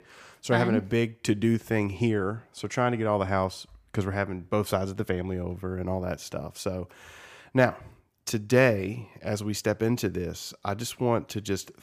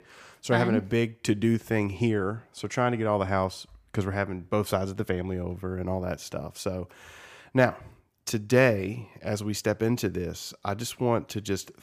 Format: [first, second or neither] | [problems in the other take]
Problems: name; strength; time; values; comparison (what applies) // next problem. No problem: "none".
neither | none